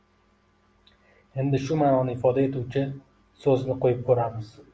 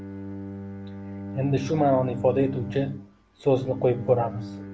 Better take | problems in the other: first | background sound (Bowed string instrument); 10 dB below the speech

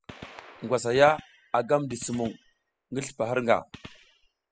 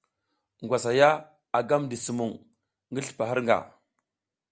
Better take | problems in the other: second | noise reduction (classical method spectral subtraction)

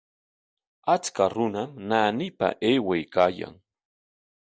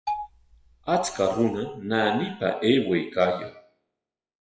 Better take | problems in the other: first | noise reduction (classical method WPE with log-MMSE)

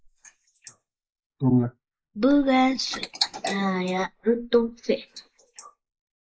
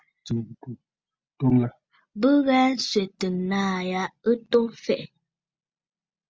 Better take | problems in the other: second | noise reduction (neural mask model Resemble Enhance denoiser)

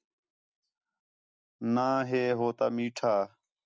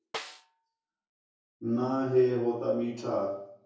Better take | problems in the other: first | background sound (Snare drum); 14 dB below the speech // room echo; dies away in 0.6 s

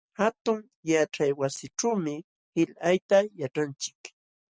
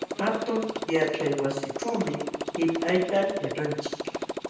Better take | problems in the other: first | background sound (Motorcycle); 4 dB below the speech // room echo; dies away in 0.9 s

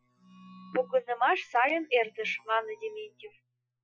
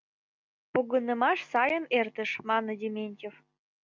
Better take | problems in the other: second | noise reduction (classical method Wiener filter)

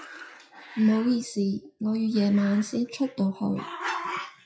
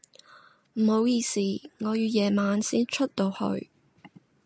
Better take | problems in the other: second | noise reduction (classical method WPE with log-MMSE)

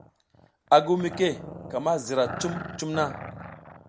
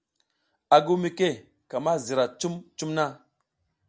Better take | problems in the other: second | background sound (Growling); 13 dB below the speech

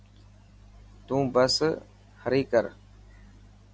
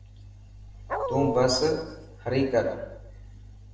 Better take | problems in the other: first | noise reduction (neural separator model SepFormer DNS4)

